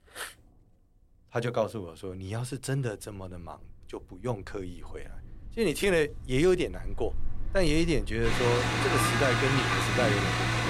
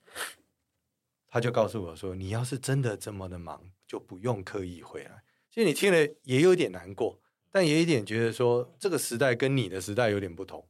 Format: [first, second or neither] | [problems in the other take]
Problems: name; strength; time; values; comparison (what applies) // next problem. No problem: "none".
second | rain or running water; very loud; throughout; 1 dB above the speech